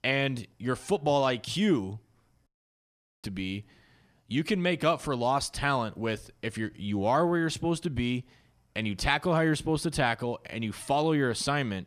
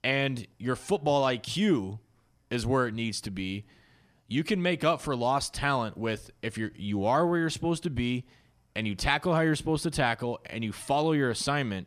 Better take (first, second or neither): second